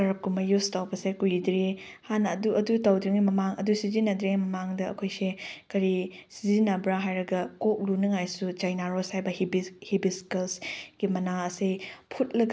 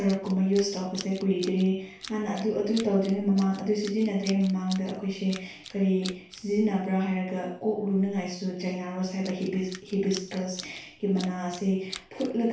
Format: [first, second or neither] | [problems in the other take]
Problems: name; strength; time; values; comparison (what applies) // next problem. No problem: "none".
first | background sound (Tools); 18 dB below the speech // room echo; dies away in 0.4 s